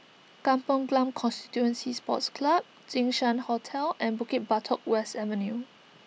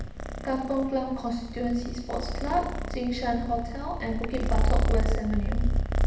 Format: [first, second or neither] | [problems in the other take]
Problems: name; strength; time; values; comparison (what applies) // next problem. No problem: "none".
first | background sound (Purr); 3 dB above the speech // room echo; dies away in 0.8 s